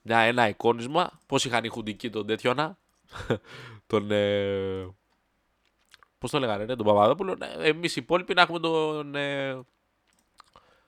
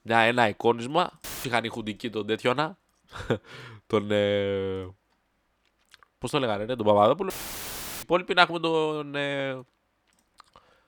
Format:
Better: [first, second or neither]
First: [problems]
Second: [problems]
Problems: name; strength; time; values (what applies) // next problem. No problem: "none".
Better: first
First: none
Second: audio cutting out; filled with static; at 1 s and at 7.5 s for 0.5 s